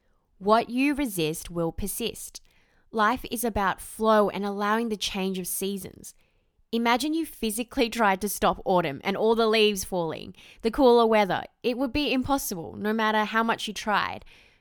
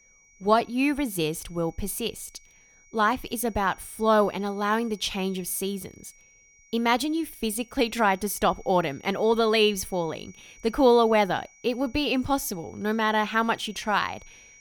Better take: first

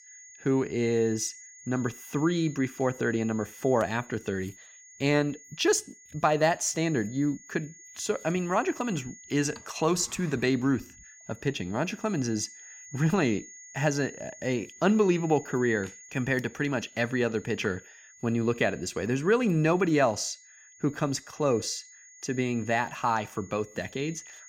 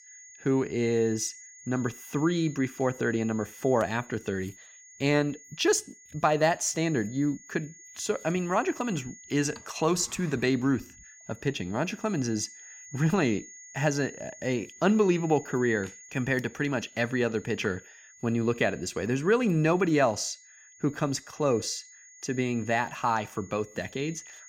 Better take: neither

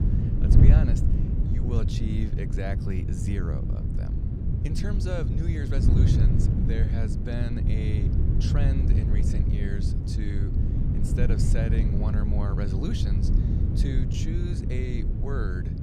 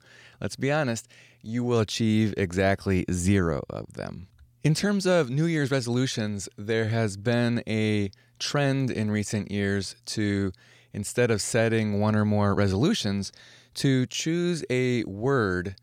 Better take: second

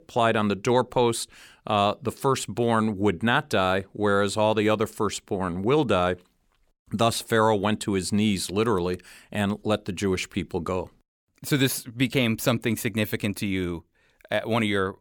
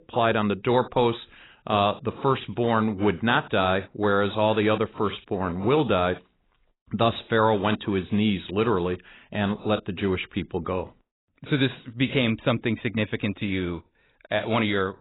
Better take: first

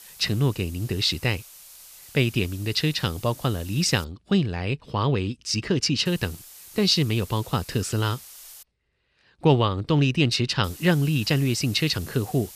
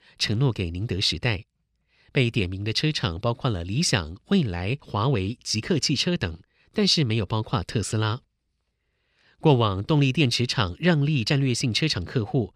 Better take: second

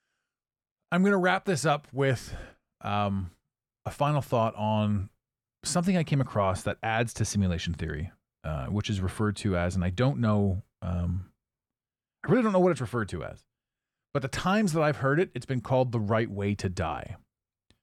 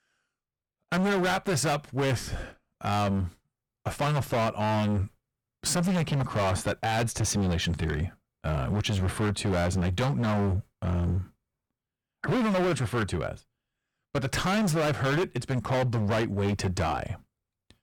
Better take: first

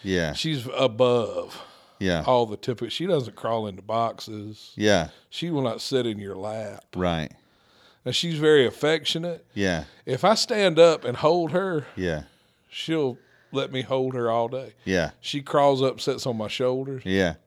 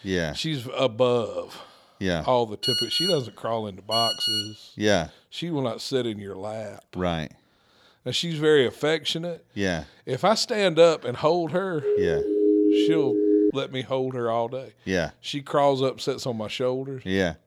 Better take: first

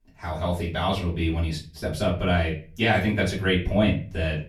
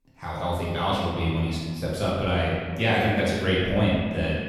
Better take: first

